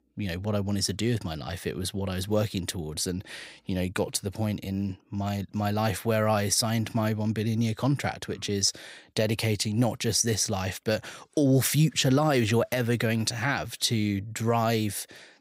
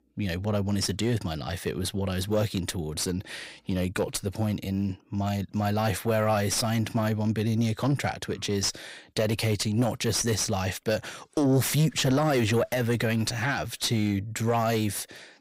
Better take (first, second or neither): first